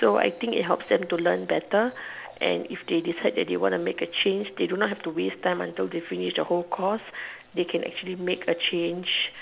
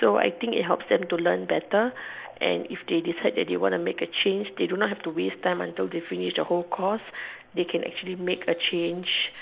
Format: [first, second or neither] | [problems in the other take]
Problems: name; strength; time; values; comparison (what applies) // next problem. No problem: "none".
first | noise reduction (neural mask model Resemble Enhance denoiser)